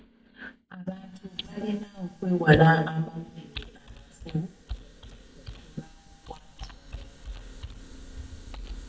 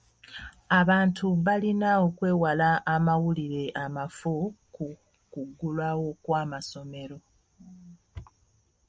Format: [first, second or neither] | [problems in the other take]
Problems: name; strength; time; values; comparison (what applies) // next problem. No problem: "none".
second | noise reduction (neural mask model DeepFilterNet 3)